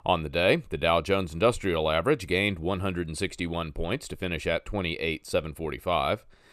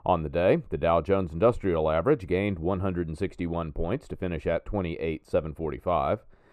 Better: first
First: none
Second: muffled; very; fading above 2 kHz

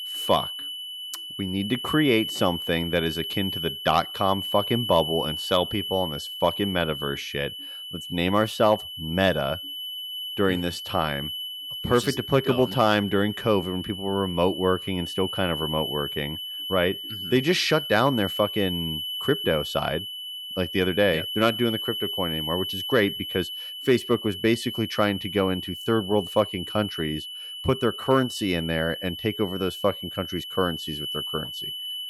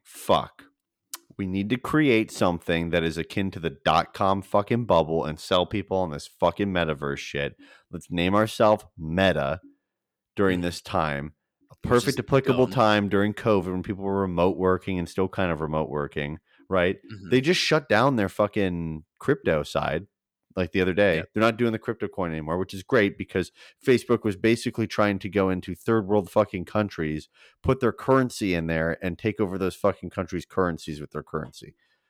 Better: second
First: high-pitched whine; loud; throughout; 3 kHz, 6 dB below the speech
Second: none

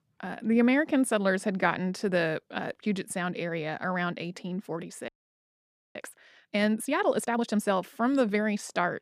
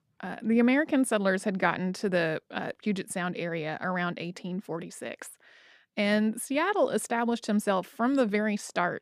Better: second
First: audio freezing; at 5 s for 1 s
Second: none

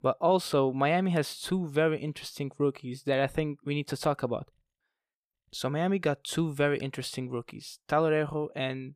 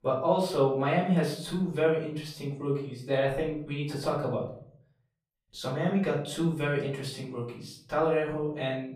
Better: first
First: none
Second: off-mic speech; far // room echo; noticeable; dies away in 0.5 s

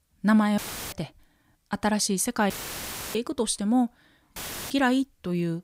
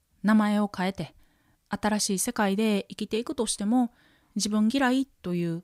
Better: second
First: audio cutting out; filled with static; at 0.5 s, at 2.5 s for 0.5 s and at 4.5 s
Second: none

